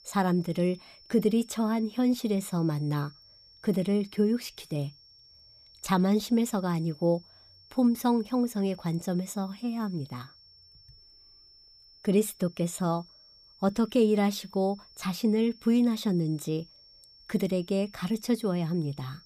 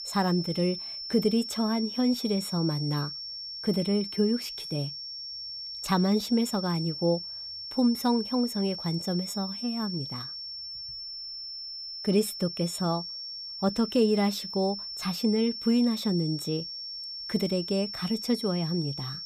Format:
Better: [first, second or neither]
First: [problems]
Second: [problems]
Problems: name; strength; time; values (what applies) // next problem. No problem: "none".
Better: first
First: high-pitched whine; faint; throughout; 5.5 kHz, 25 dB below the speech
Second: high-pitched whine; loud; throughout; 5.5 kHz, 7 dB below the speech